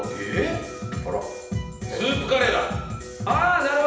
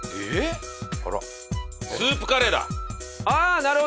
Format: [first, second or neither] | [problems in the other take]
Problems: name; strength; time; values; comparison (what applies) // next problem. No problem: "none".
second | room echo; dies away in 0.8 s